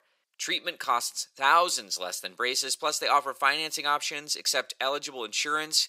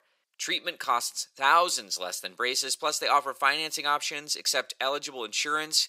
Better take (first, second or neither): neither